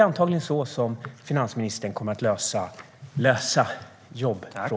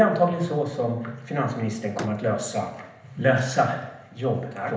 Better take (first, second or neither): first